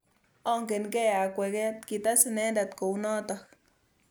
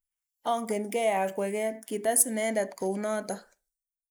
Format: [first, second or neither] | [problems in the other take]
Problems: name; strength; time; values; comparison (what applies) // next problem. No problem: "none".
first | noise reduction (neural mask model Resemble Enhance denoiser)